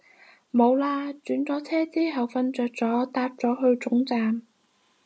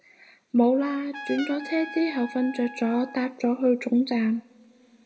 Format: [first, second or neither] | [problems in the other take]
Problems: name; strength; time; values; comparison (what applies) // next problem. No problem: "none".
first | background sound (Trumpet); 16 dB below the speech // room echo; dies away in 1.2 s